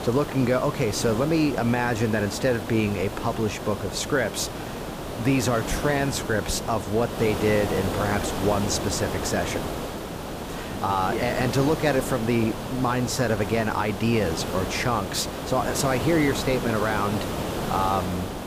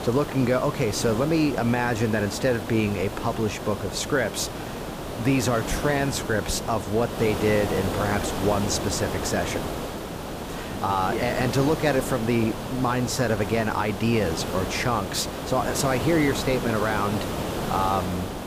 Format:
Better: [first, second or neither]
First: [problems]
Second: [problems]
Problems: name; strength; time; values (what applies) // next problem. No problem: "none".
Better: neither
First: hiss; loud; throughout; 6 dB below the speech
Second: hiss; loud; throughout; 6 dB below the speech